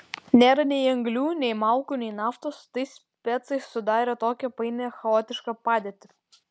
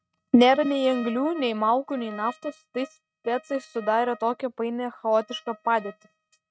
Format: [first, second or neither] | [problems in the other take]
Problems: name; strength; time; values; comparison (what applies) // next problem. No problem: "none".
first | noise reduction (neural mask model RNNoise)